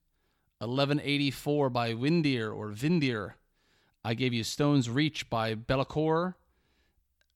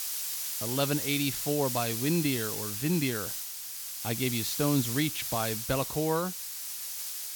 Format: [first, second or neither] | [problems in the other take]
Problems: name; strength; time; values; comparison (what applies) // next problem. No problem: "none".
first | hiss; loud; throughout; 2 dB below the speech